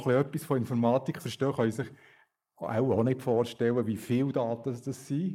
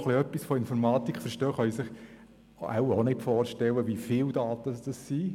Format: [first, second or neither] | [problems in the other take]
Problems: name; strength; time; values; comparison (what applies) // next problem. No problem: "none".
second | noise reduction (neural mask model Resemble Enhance denoiser)